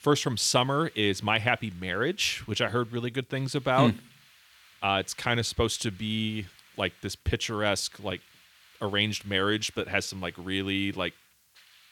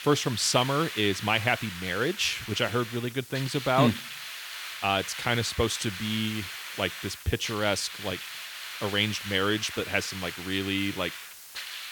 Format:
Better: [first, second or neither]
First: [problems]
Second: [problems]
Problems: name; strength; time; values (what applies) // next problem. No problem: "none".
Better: first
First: hiss; faint; throughout; 30 dB below the speech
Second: hiss; loud; throughout; 9 dB below the speech